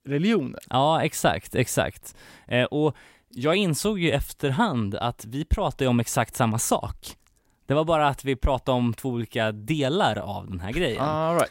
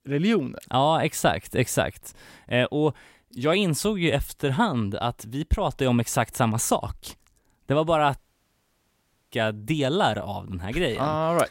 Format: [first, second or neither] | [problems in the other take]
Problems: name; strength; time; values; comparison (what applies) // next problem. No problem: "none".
first | audio cutting out; at 8 s for 1 s